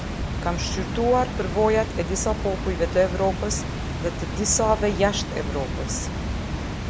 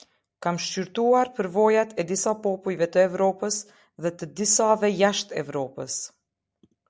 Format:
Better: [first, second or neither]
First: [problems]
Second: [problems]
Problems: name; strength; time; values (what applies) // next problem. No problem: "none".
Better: second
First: background sound (Water); 3 dB below the speech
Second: none